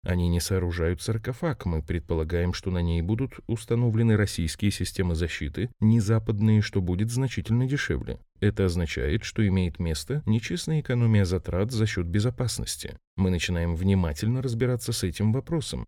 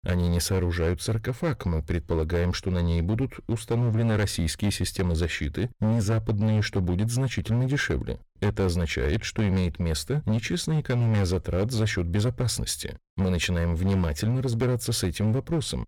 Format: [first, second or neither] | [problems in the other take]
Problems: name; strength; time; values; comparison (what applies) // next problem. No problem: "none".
first | distortion; slight; 14% of the sound clipped